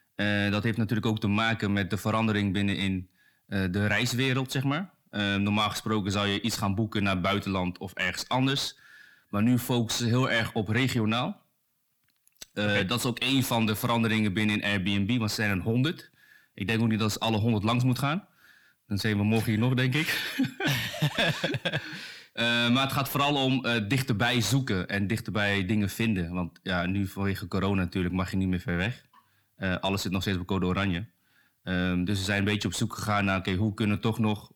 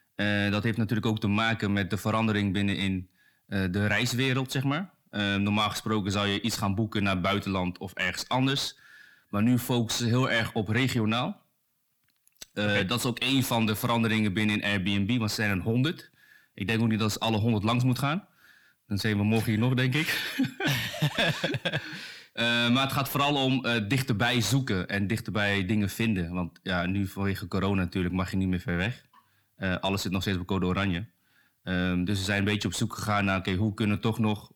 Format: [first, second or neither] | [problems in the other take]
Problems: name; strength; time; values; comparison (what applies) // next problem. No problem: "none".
neither | distortion; slight; 10 dB below the speech; the same in both